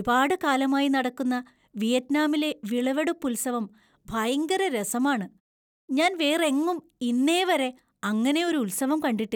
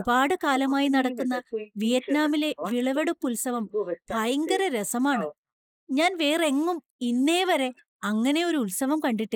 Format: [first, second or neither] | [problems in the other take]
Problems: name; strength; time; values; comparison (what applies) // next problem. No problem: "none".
first | noise reduction (neural mask model Resemble Enhance denoiser)